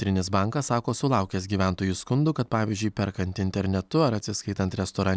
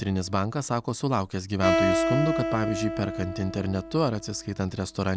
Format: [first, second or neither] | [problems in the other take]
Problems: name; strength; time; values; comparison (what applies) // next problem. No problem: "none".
first | background sound (Acoustic guitar); 3 dB below the speech